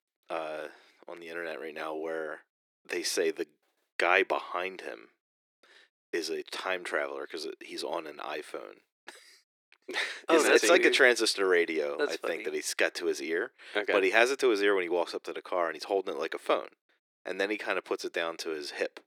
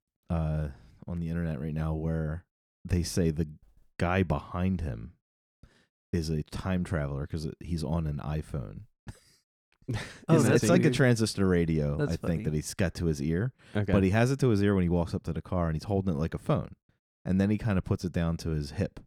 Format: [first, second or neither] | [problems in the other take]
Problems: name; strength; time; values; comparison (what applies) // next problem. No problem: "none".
second | thin; very; fading below 350 Hz